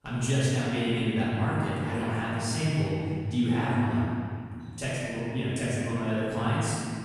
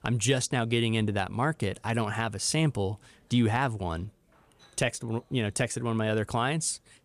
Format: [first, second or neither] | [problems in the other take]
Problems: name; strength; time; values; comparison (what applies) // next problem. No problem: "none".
second | room echo; strong; dies away in 2.3 s // off-mic speech; far